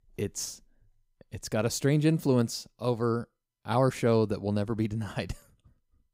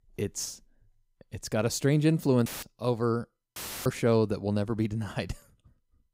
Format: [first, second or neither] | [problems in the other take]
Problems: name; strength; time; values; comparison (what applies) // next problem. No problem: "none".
first | audio cutting out; filled with static; at 2.5 s and at 3.5 s